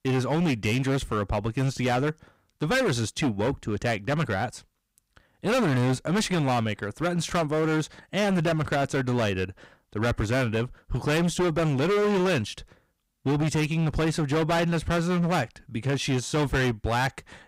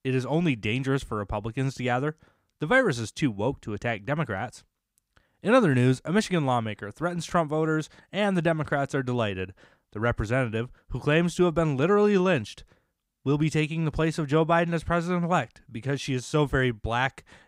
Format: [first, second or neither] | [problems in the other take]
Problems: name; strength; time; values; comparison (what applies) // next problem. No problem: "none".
second | distortion; heavy; 20% of the sound clipped